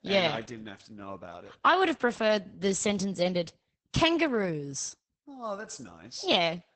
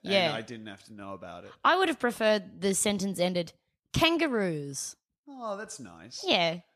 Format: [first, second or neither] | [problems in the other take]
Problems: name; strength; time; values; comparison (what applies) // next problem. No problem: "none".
second | garbled, watery; badly; nothing above 8 kHz